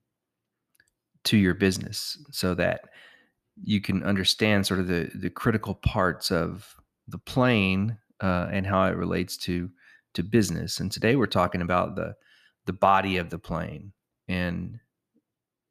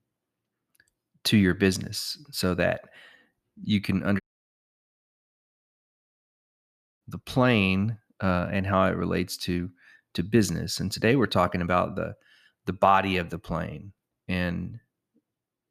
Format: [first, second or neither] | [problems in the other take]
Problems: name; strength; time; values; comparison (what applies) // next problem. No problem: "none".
first | audio cutting out; at 4 s for 3 s